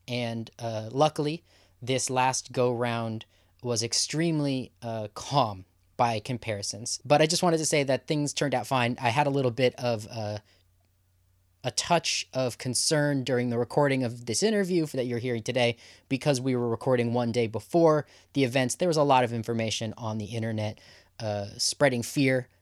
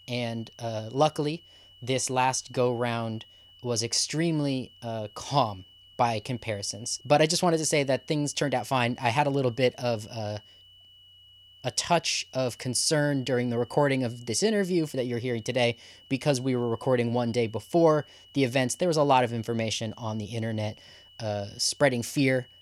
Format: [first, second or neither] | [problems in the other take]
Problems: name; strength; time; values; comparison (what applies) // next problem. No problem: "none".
first | high-pitched whine; faint; throughout; 3 kHz, 25 dB below the speech